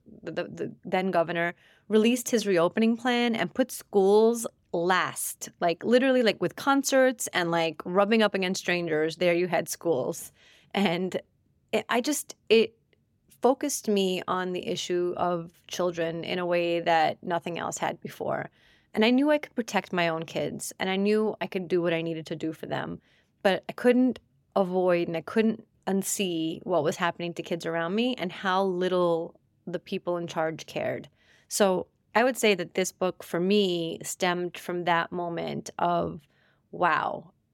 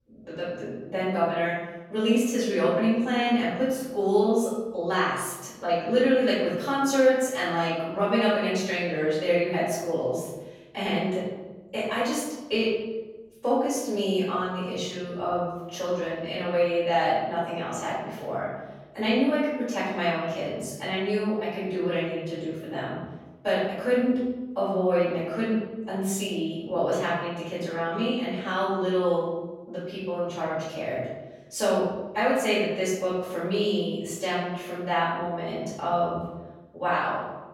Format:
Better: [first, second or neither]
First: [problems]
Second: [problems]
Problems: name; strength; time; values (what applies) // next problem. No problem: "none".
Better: first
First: none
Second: off-mic speech; far // room echo; strong; dies away in 1 s